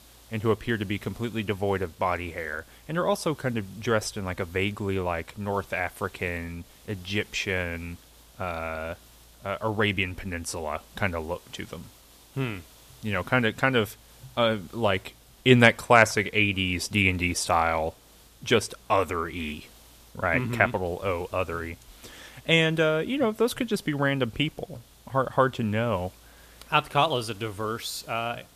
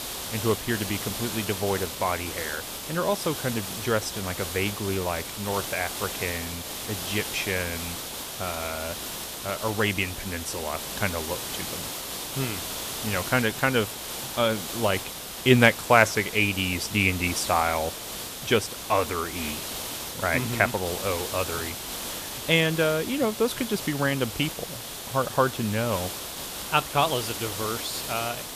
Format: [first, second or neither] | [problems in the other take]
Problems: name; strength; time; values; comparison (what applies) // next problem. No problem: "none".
first | hiss; loud; throughout; 6 dB below the speech; faint in the first